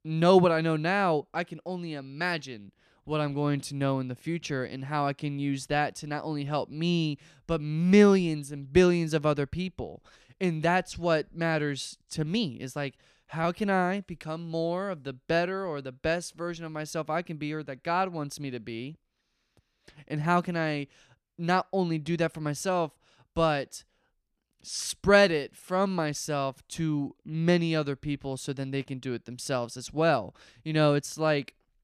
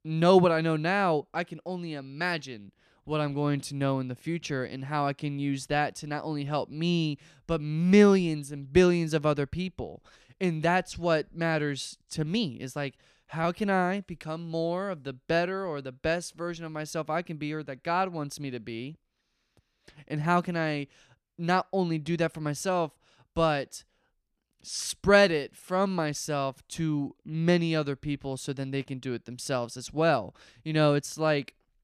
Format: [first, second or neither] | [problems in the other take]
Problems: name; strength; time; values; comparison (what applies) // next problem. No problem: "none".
neither | none